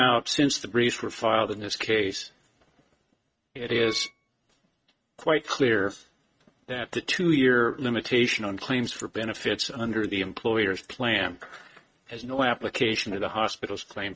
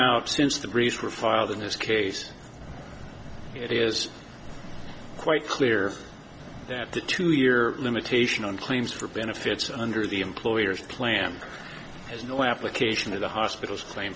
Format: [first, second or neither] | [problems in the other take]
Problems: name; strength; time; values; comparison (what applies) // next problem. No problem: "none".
second | noise reduction (neural mask model RNNoise)